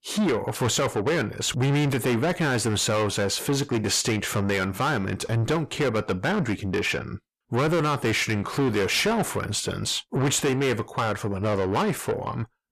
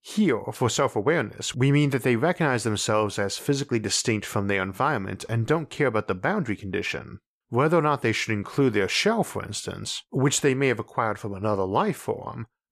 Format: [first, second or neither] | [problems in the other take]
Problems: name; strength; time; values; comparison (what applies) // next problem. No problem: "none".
second | distortion; heavy; 7 dB below the speech